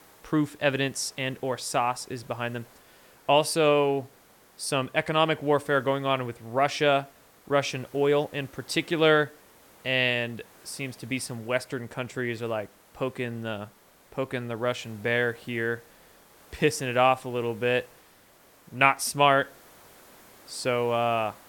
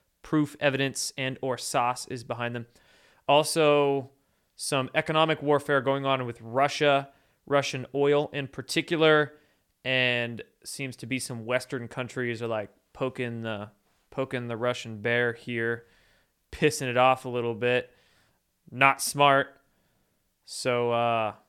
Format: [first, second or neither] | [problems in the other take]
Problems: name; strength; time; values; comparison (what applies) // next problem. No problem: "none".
second | hiss; faint; throughout; 25 dB below the speech